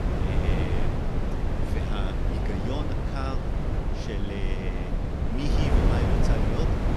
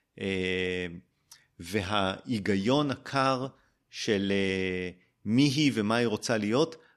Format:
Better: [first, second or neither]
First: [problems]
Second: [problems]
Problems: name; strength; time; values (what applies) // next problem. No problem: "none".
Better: second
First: wind noise on the microphone; heavy; 4 dB above the speech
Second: none